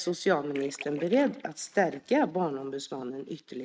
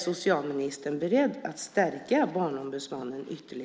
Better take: second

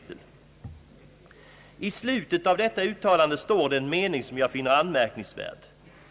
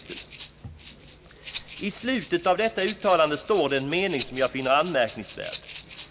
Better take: first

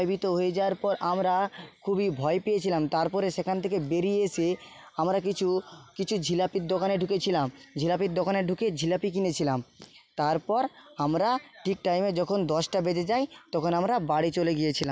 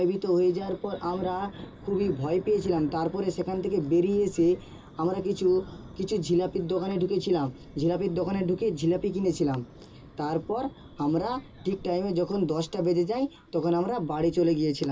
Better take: first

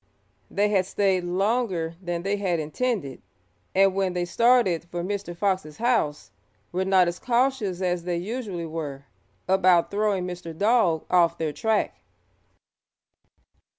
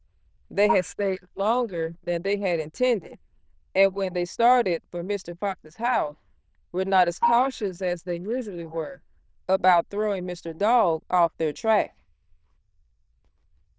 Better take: first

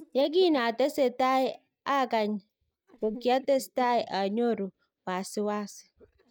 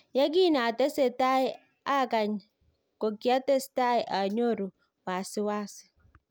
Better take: second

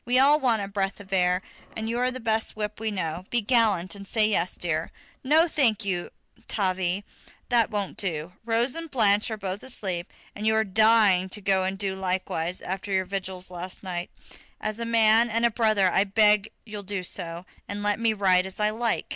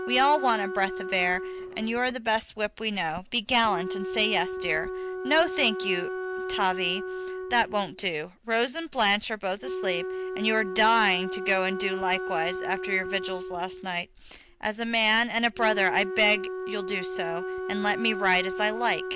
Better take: first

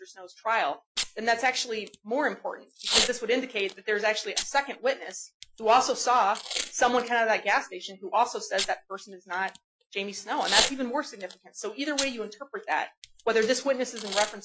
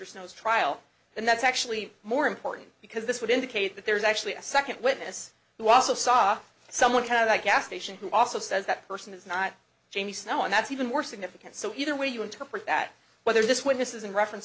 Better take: second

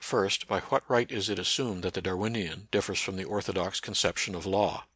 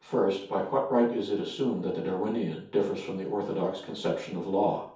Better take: first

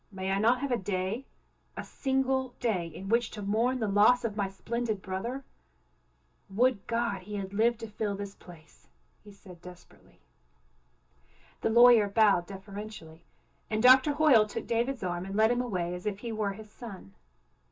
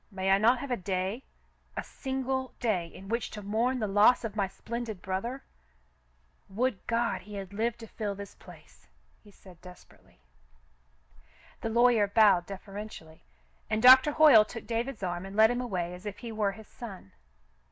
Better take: second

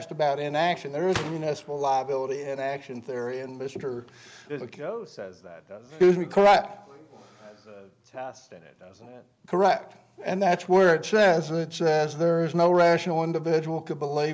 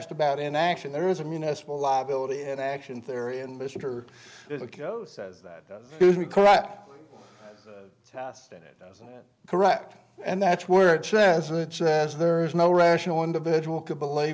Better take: second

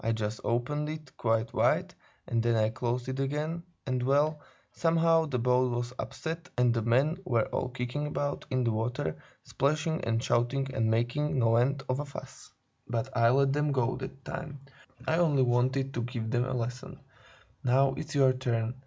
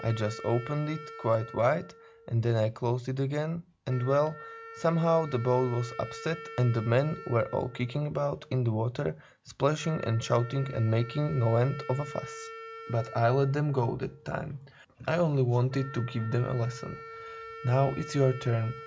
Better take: first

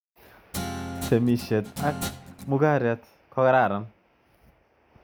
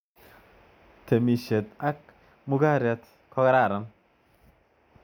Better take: second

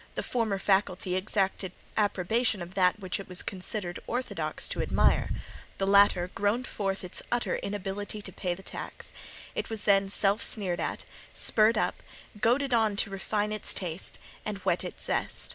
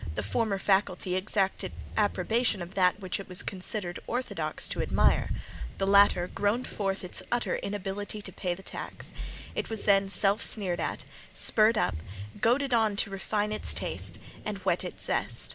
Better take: first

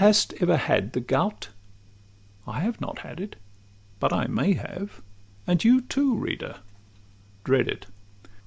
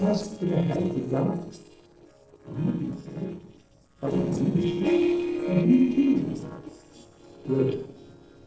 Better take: first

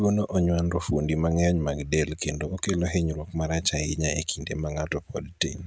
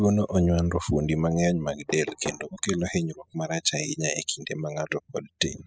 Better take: first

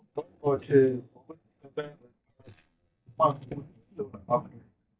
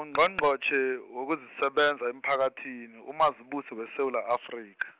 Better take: second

